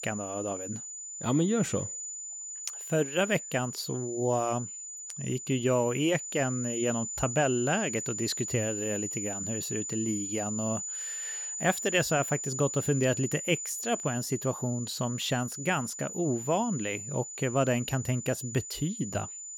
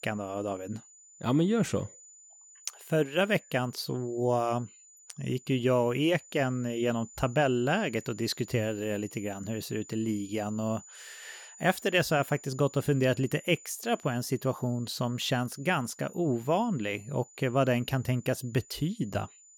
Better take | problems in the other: second | high-pitched whine; loud; throughout; 7 kHz, 5 dB below the speech; faint in the second

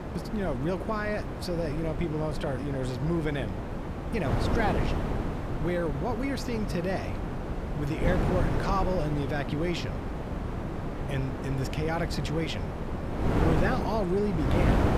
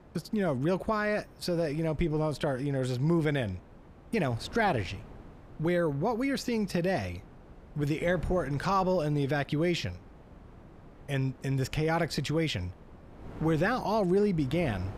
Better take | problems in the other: second | wind noise on the microphone; heavy; 3 dB below the speech; occasional gusts in the second

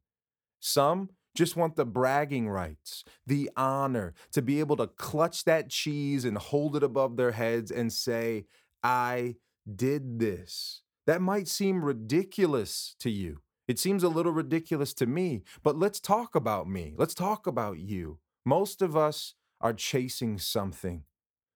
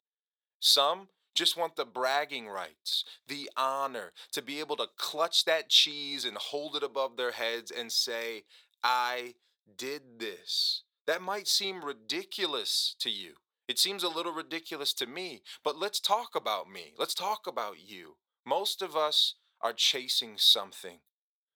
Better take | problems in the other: first | thin; very; fading below 600 Hz

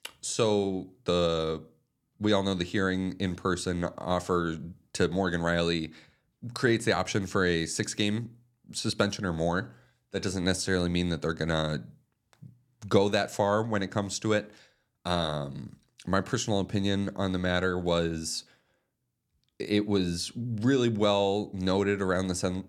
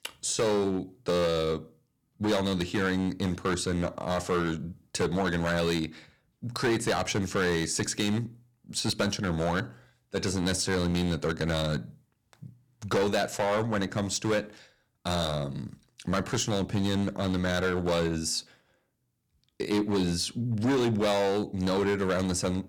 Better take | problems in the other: first | distortion; heavy; 10% of the sound clipped

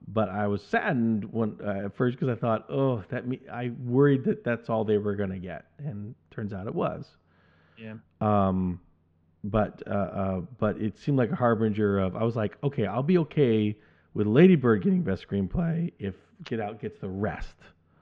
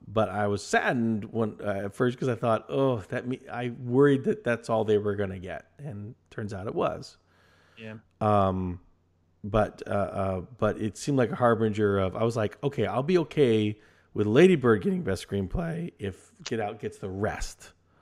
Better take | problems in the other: second | muffled; slightly; fading above 3.5 kHz

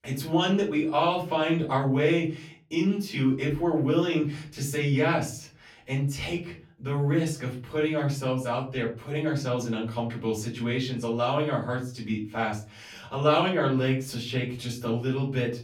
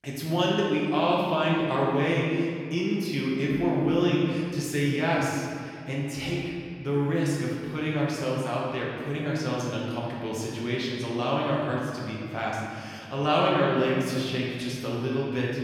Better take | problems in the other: first | room echo; strong; dies away in 2.1 s; slight in the first // off-mic speech; far; far in the first

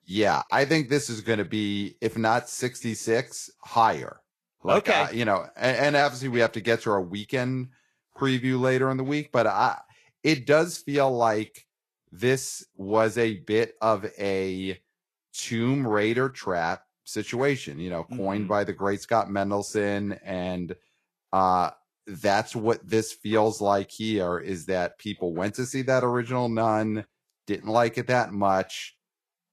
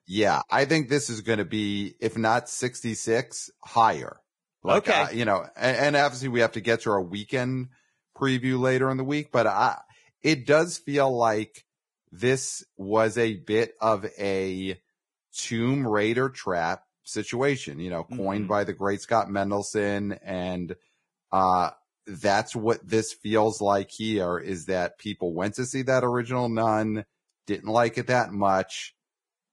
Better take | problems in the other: first | garbled, watery; badly; nothing above 10.5 kHz; slightly in the first

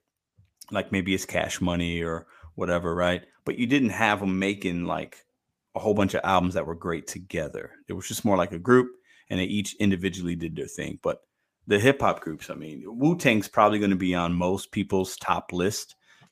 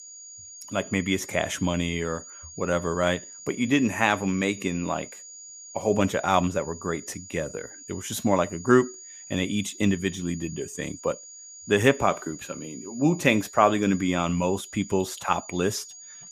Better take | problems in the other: first | high-pitched whine; noticeable; throughout; 7 kHz, 15 dB below the speech

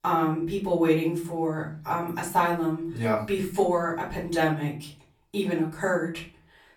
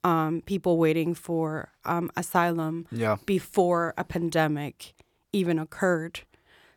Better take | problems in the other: second | off-mic speech; far // room echo; slight; dies away in 0.3 s

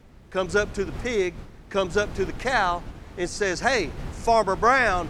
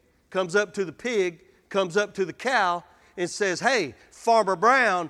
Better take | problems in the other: second | wind noise on the microphone; occasional gusts; 20 dB below the speech

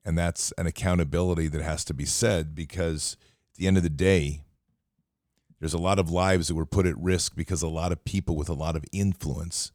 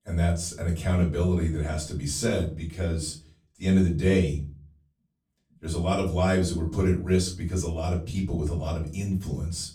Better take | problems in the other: first | off-mic speech; far // room echo; slight; dies away in 0.3 s

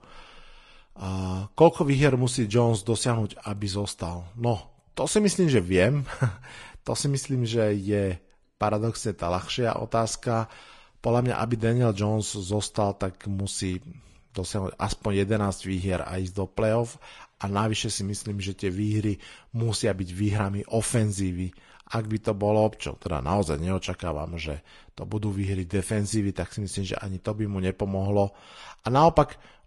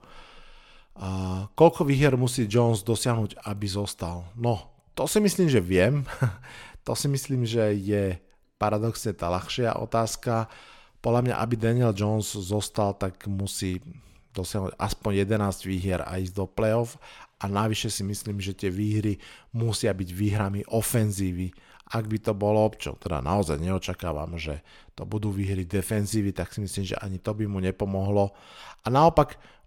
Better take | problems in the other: second | garbled, watery; slightly; nothing above 10.5 kHz

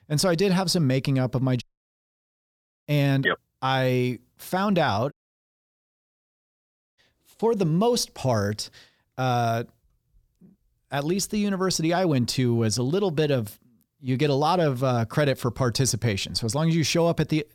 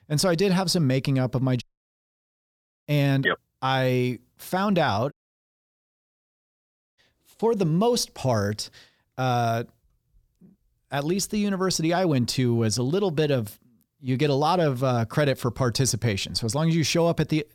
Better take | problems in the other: neither | audio cutting out; at 1.5 s for 1 s and at 5 s for 2 s; the same in both

